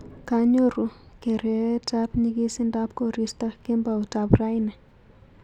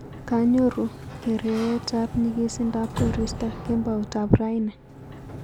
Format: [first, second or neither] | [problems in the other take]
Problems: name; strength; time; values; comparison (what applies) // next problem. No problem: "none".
first | background sound (Sliding door); 10 dB below the speech